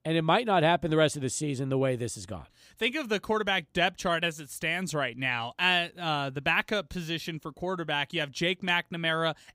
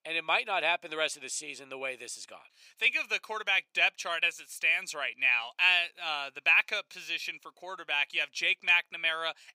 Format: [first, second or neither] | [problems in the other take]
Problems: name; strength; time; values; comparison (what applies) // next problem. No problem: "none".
first | thin; very; fading below 700 Hz